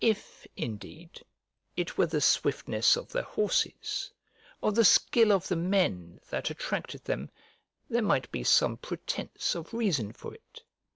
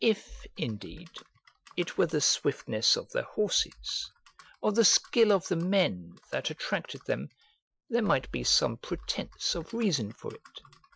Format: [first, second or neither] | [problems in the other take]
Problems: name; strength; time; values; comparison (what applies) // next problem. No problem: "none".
first | noise reduction (classical method Wiener filter)